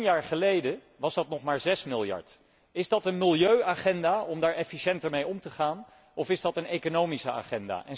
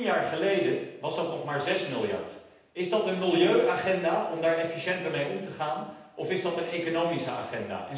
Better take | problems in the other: first | room echo; dies away in 0.9 s

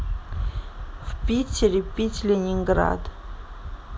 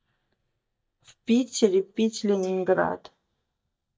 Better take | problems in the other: first | noise reduction (neural mask model DeepFilterNet 3)

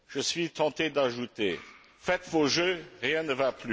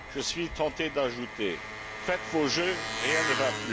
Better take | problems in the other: first | background sound (Engine); 4 dB below the speech

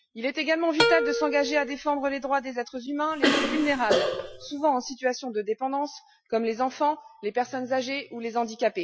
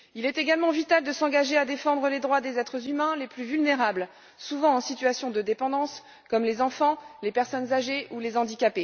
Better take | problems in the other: second | noise reduction (classical method Wiener filter)

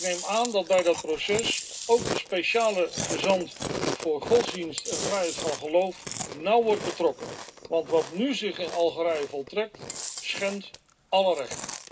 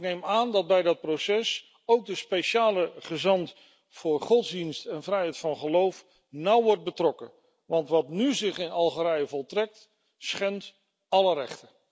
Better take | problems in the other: second | background sound (Chewing, mastication); 8 dB below the speech // room echo; dies away in 0.2 s

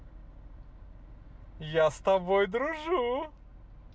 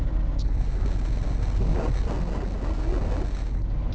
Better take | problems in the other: first | noise reduction (neural separator model SepFormer DNS4)

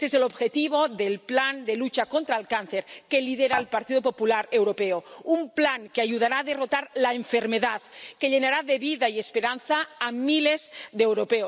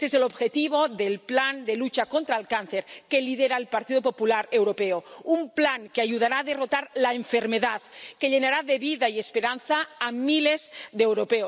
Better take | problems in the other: second | background sound (Dishes, pots, and pans); 10 dB below the speech

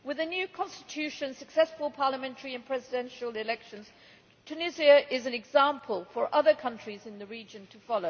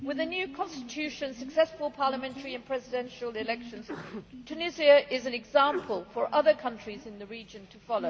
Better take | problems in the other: first | background sound (Sneeze); 14 dB below the speech

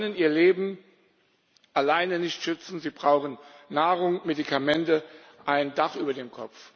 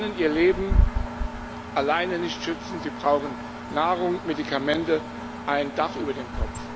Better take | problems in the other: first | background sound (Wind / Bird + Engine); 3 dB below the speech

